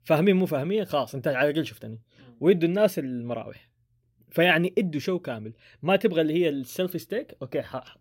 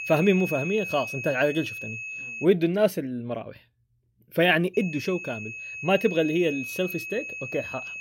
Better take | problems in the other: first | high-pitched whine; loud; until 2.5 s and from 4.5 s on; 2.5 kHz, 8 dB below the speech

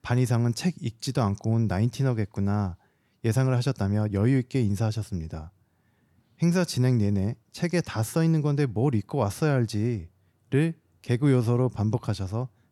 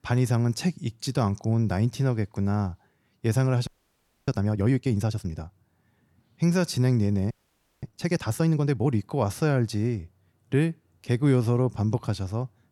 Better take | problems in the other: first | audio freezing; at 3.5 s for 0.5 s and at 7.5 s for 0.5 s

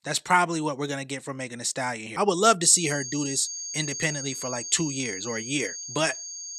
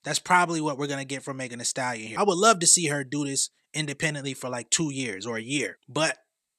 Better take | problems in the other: second | high-pitched whine; loud; from 2.5 s on; 6.5 kHz, 7 dB below the speech

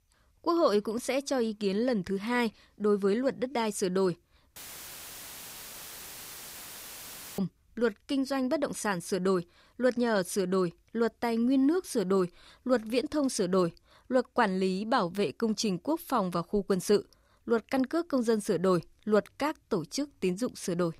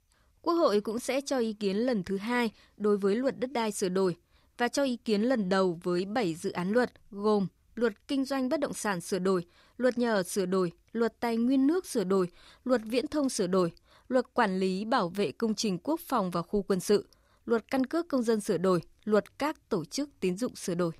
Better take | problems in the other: second | audio cutting out; filled with static; at 4.5 s for 3 s

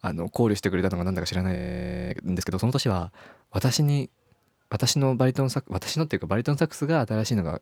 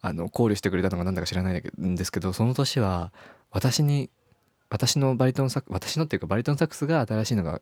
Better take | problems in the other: second | audio freezing; at 1.5 s for 0.5 s

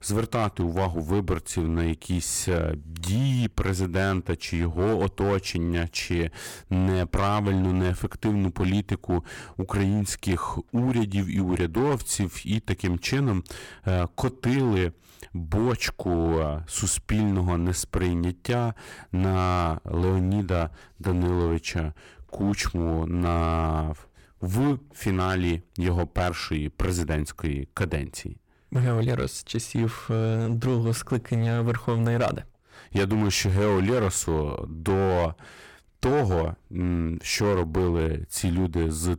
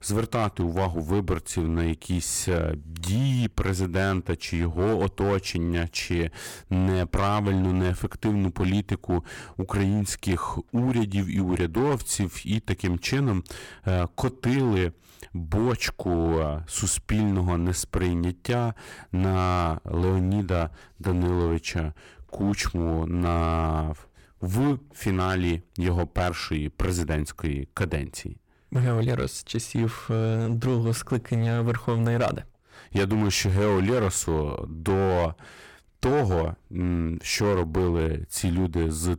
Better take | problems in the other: neither | distortion; slight; 10% of the sound clipped; the same in both

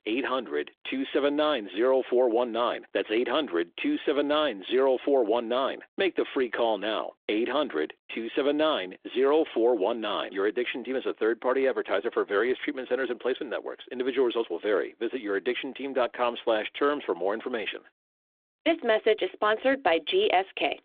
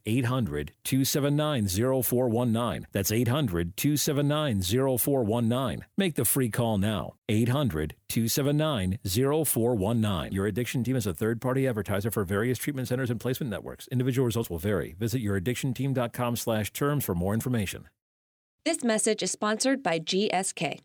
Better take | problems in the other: second | phone-call audio; nothing above 3.5 kHz

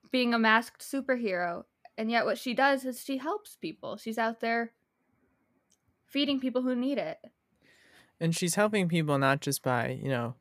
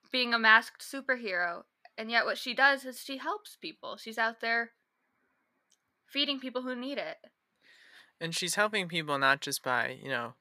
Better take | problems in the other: first | thin; somewhat; fading below 400 Hz

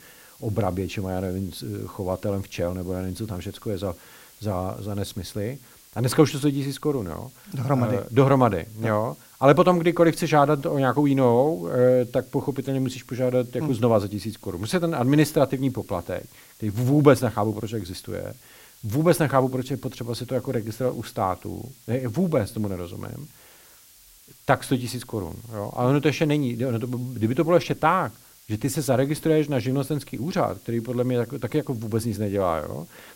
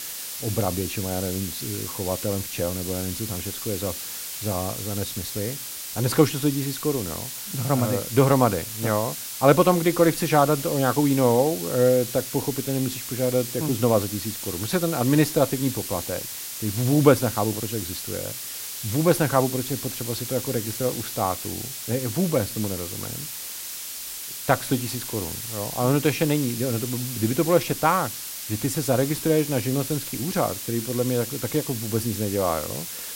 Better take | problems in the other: first | hiss; loud; throughout; 6 dB below the speech; faint in the first

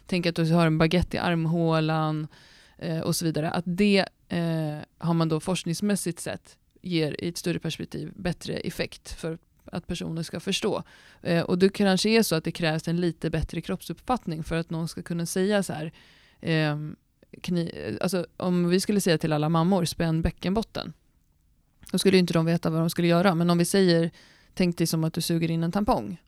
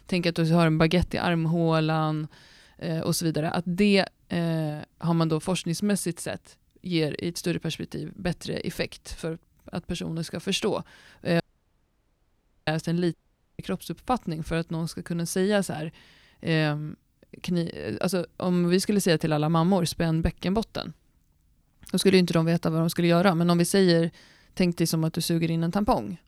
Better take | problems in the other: first | audio cutting out; at 11 s for 1.5 s and at 13 s

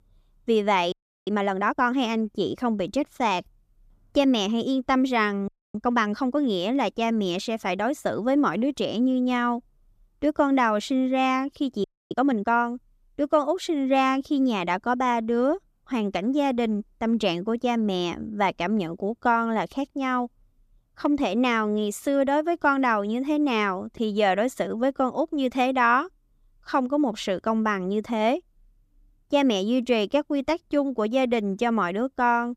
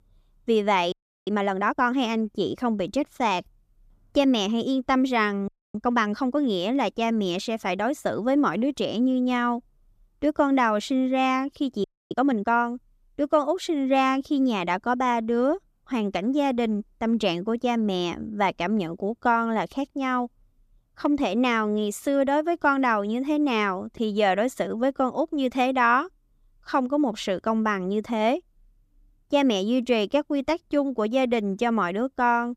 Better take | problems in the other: neither | audio freezing; at 1 s, at 5.5 s and at 12 s; the same in both

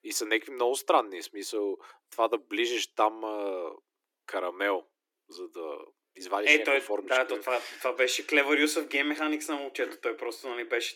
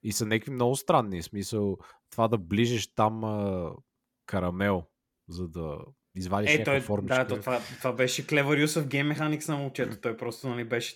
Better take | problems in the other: second | thin; somewhat; fading below 300 Hz

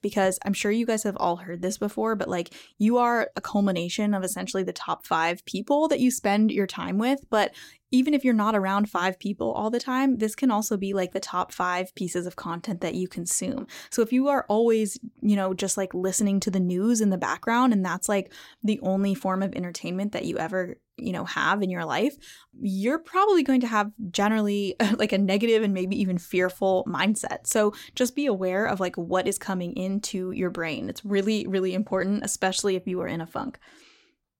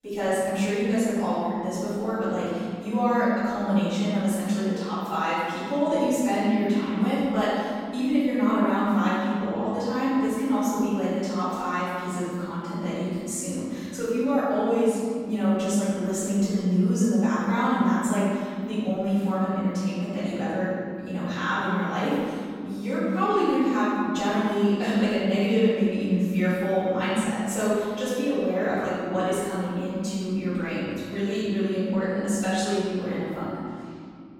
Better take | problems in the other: first | room echo; strong; dies away in 2.3 s // off-mic speech; far

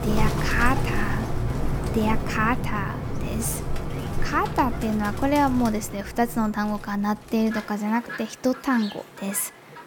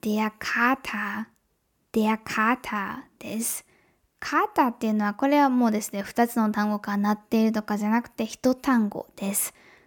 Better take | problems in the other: second | animal sounds; loud; throughout; 5 dB below the speech

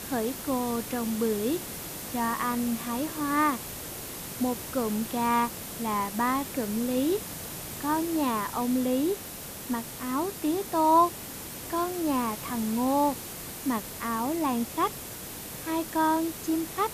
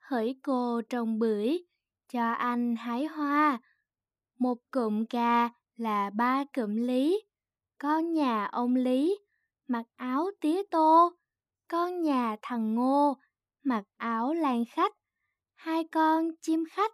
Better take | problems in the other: second | hiss; loud; throughout; 8 dB below the speech

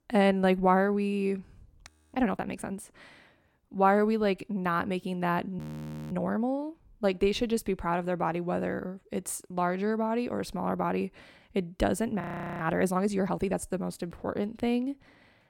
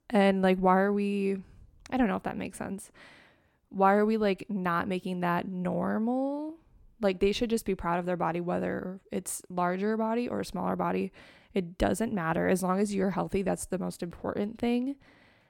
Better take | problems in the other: second | audio freezing; at 2 s, at 5.5 s for 0.5 s and at 12 s

